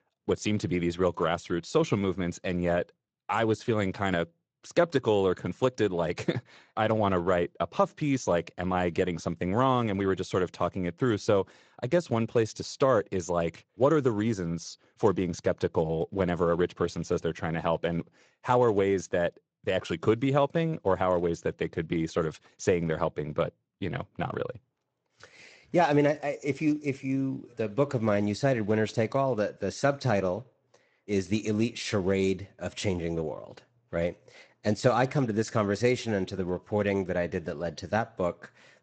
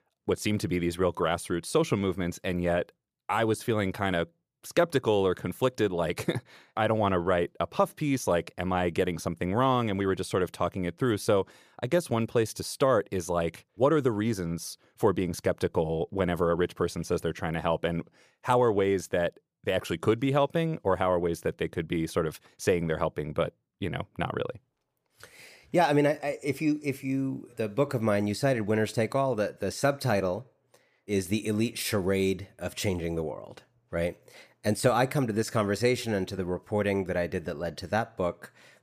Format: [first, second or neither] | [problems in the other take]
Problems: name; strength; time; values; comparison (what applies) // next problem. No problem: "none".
second | garbled, watery; slightly; nothing above 7.5 kHz